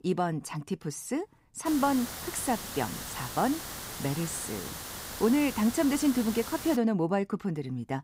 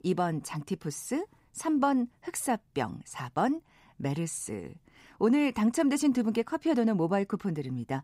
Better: second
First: hiss; loud; from 1.5 to 7 s; 8 dB below the speech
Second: none

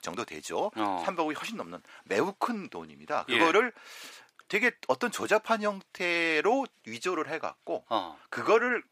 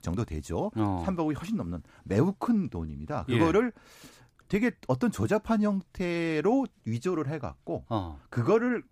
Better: second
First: thin; very; fading below 500 Hz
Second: none

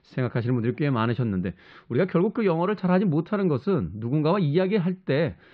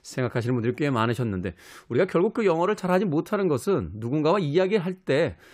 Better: second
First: muffled; very slightly; fading above 4 kHz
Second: none

